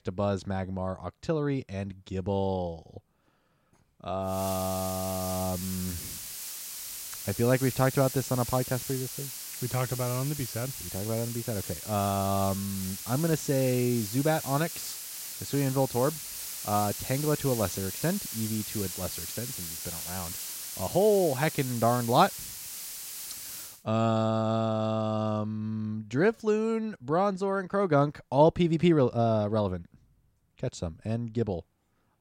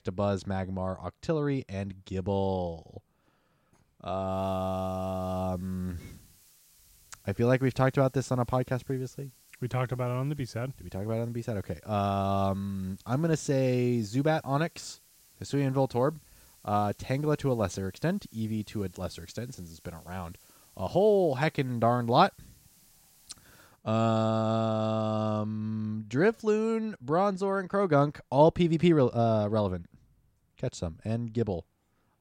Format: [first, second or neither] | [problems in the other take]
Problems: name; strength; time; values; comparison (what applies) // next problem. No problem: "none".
second | hiss; loud; from 4.5 to 24 s; 7 dB below the speech; faint in the second